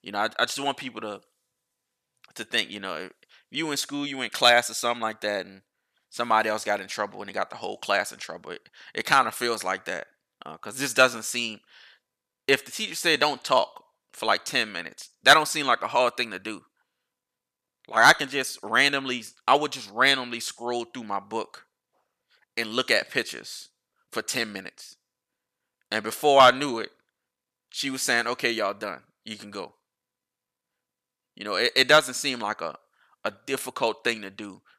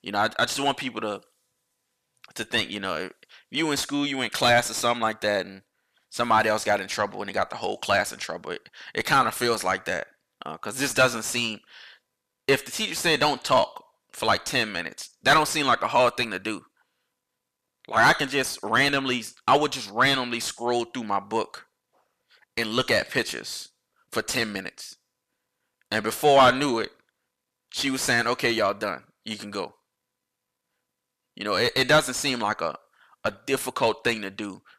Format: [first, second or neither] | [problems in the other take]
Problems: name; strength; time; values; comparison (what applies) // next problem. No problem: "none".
first | distortion; heavy; 7 dB below the speech